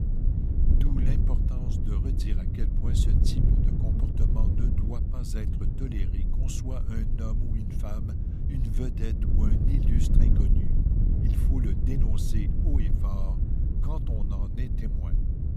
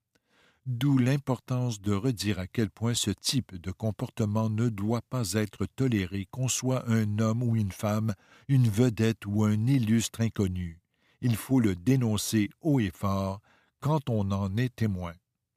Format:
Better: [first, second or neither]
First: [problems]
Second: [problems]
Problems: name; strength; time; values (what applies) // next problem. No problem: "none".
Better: second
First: wind noise on the microphone; heavy; 2 dB above the speech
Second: none